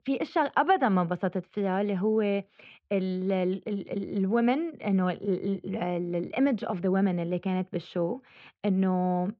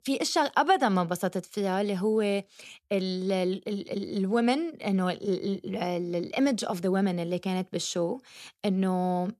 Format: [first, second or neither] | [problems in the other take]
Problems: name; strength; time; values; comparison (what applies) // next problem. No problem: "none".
second | muffled; very; fading above 2.5 kHz